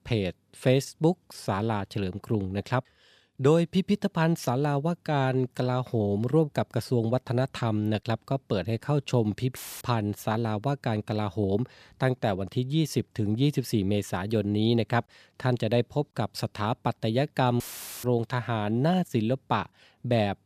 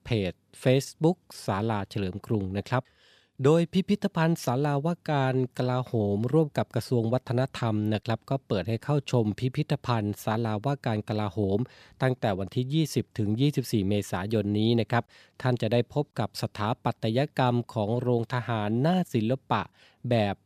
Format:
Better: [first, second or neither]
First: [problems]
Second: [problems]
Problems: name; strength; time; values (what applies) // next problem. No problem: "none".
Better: second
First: audio cutting out; filled with static; at 9.5 s and at 18 s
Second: none